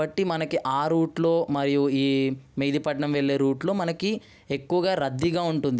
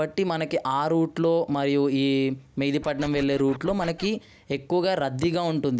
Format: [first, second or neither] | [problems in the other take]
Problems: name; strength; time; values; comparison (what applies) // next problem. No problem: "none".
first | background sound (Scratching (performance technique)); 17 dB below the speech